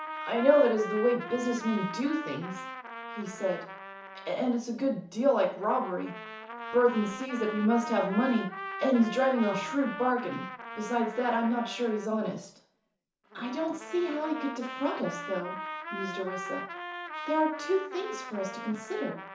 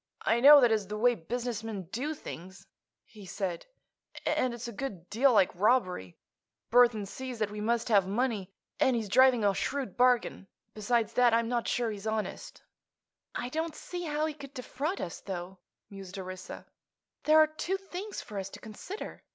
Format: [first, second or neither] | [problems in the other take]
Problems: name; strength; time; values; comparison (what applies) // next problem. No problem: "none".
second | background sound (Trumpet); 10 dB below the speech // room echo; dies away in 0.9 s